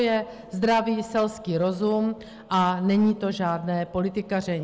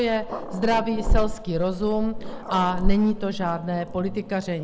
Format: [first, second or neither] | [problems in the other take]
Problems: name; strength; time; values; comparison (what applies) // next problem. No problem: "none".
first | background sound (Growling); 2 dB below the speech